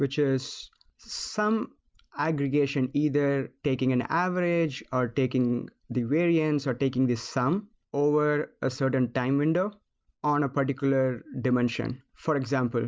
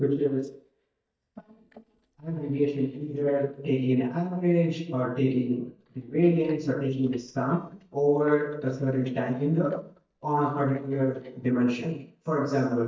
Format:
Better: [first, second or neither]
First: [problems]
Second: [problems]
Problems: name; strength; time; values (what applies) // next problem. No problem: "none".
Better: first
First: none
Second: noise reduction (neural mask model DeepFilterNet 3)